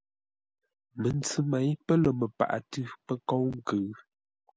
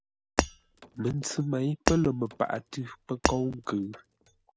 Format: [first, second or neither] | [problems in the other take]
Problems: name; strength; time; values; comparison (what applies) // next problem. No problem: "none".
first | background sound (Shatter); 3 dB below the speech